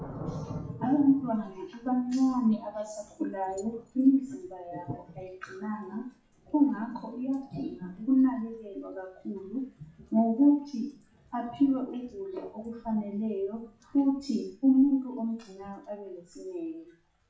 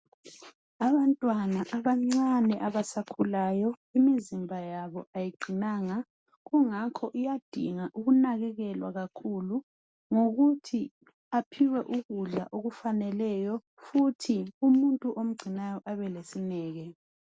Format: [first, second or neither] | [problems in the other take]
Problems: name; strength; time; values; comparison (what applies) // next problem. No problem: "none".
second | noise reduction (classical method WPE with log-MMSE)